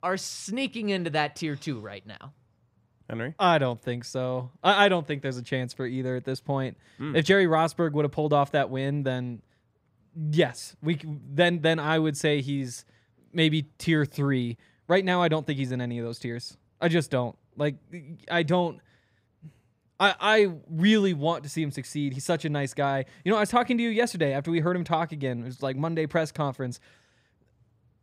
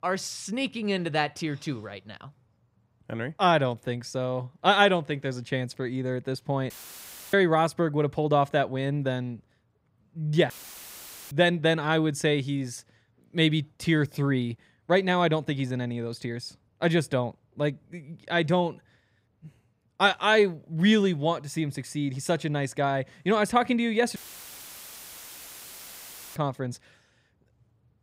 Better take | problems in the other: first | audio cutting out; filled with static; at 6.5 s for 0.5 s, at 11 s for 1 s and at 24 s for 2 s

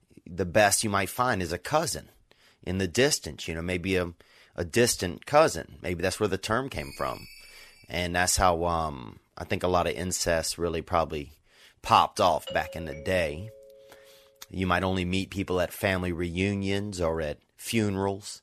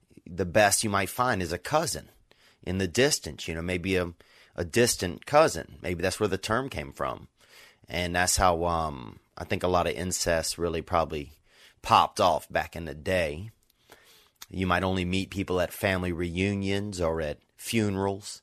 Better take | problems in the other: second | phone ringing; faint; from 6.5 to 8 s; peak 15 dB below the speech // doorbell; faint; from 12 to 14 s; peak 15 dB below the speech

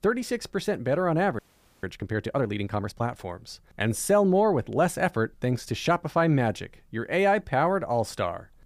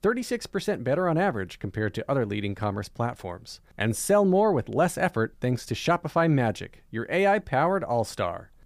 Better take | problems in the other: second | audio freezing; at 1.5 s

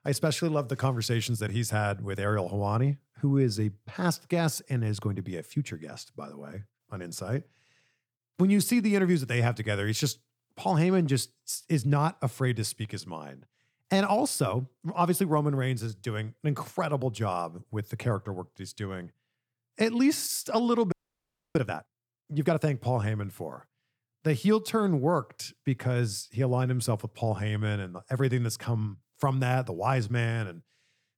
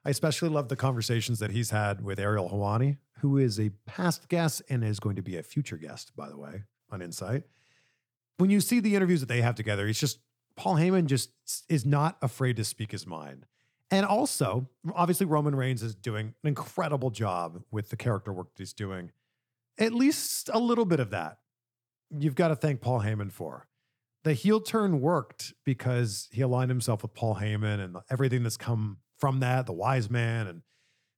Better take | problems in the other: second | audio freezing; at 21 s for 0.5 s

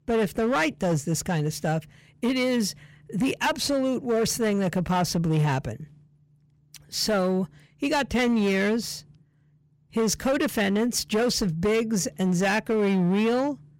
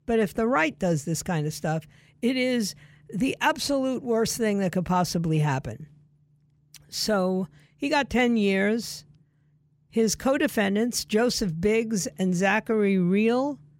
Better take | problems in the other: second | distortion; slight; 12% of the sound clipped

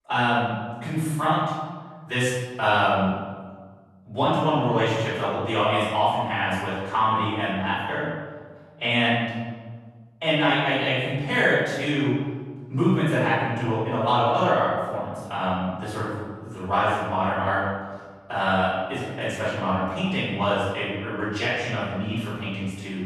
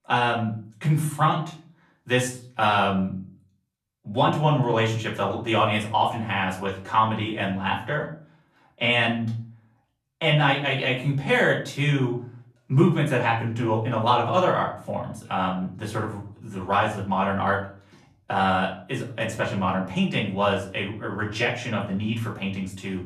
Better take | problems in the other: second | room echo; strong; dies away in 1.3 s; slight in the second // off-mic speech; far; far in the second

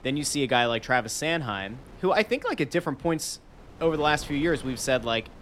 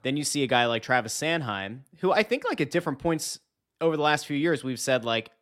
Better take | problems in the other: second | wind noise on the microphone; occasional gusts; 25 dB below the speech

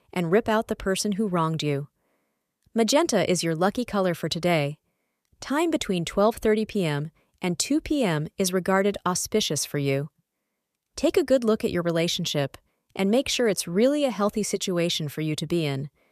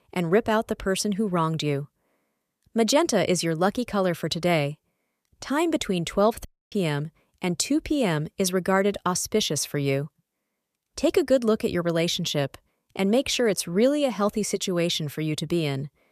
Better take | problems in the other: first | audio cutting out; at 6.5 s

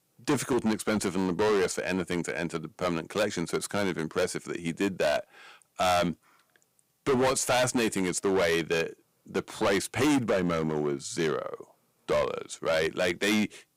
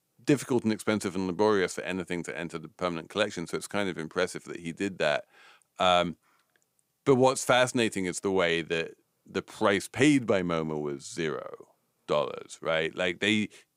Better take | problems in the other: second | distortion; heavy; 10% of the sound clipped

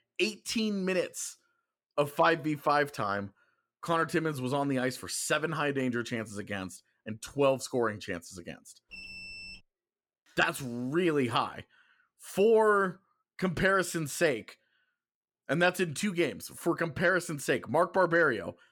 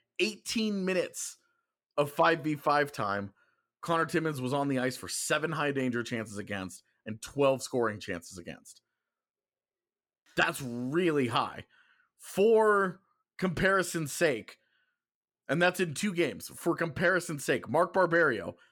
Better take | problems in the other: second | alarm; faint; at 9 s; peak 10 dB below the speech

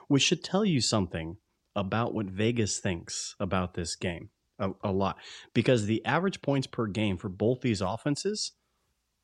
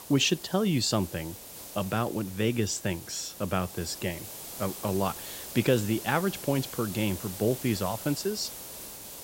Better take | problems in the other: first | hiss; noticeable; throughout; 10 dB below the speech

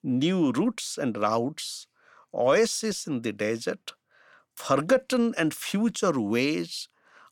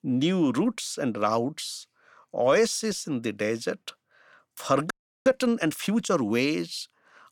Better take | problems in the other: first | audio freezing; at 5 s

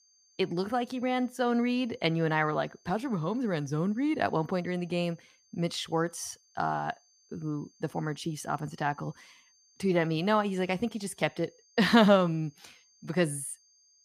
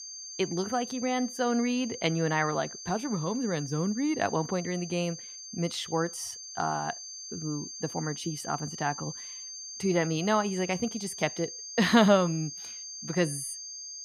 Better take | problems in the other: first | high-pitched whine; loud; throughout; 6.5 kHz, 9 dB below the speech; faint in the first

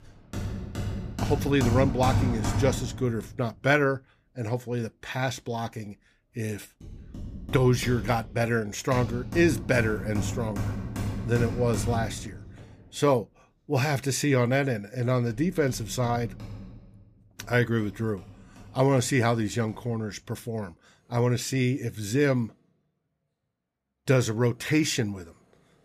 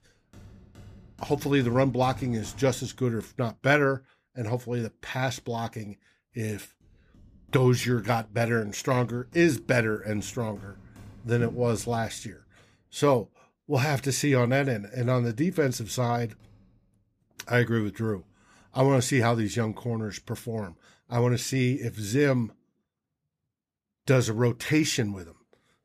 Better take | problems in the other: second | machinery noise; loud; throughout; 6 dB below the speech; faint in the second

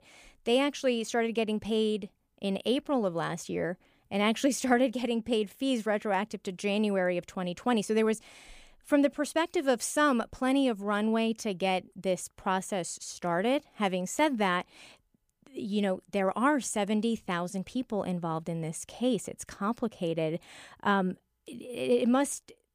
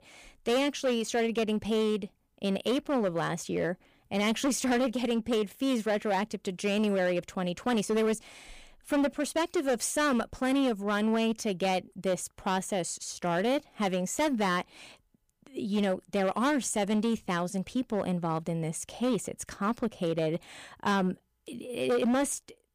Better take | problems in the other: first | distortion; slight; 10% of the sound clipped

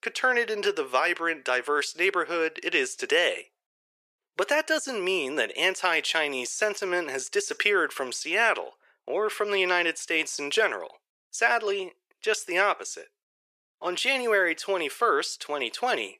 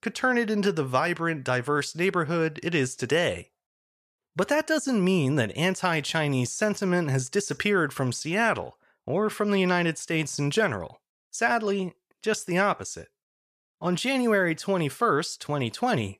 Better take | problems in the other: second | thin; very; fading below 400 Hz

